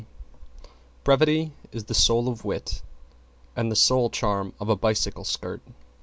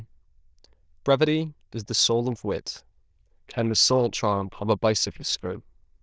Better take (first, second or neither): first